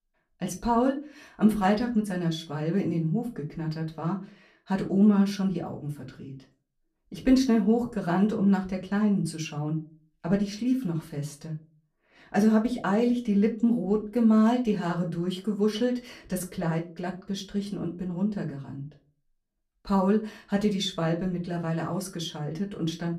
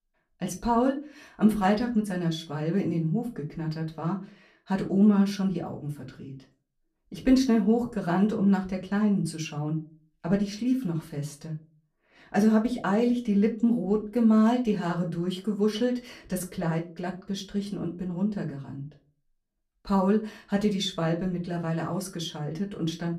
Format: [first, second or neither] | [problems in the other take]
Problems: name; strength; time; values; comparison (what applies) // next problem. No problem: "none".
neither | off-mic speech; far; the same in both // room echo; very slight; dies away in 0.3 s; the same in both